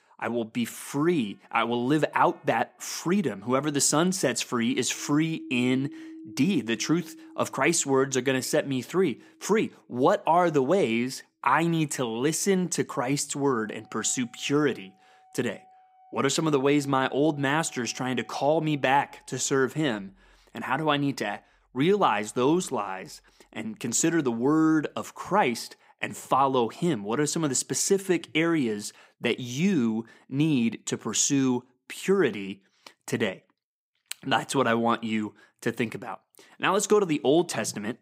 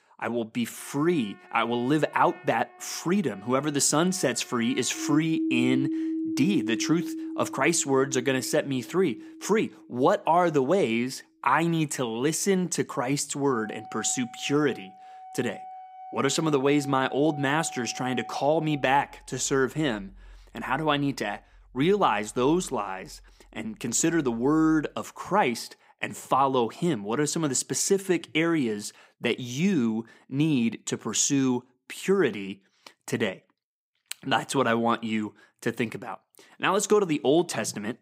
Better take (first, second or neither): first